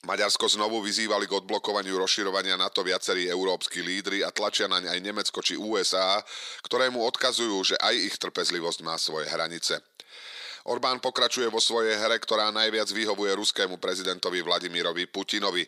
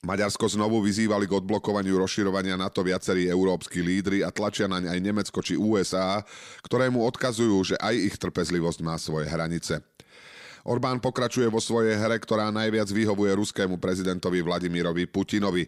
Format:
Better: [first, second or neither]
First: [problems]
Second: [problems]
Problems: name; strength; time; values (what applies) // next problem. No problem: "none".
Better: second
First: thin; somewhat; fading below 500 Hz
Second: none